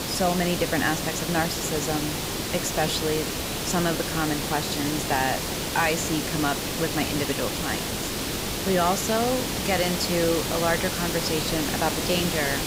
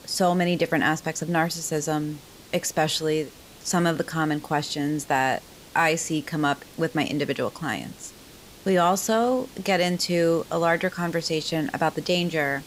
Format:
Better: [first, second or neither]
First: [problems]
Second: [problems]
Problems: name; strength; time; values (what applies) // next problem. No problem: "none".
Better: second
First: hiss; loud; throughout; 1 dB below the speech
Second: hiss; faint; throughout; 20 dB below the speech